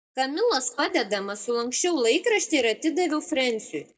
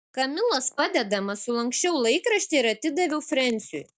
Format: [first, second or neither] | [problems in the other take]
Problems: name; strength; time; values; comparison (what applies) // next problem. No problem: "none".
second | noise reduction (neural mask model DeepFilterNet 3)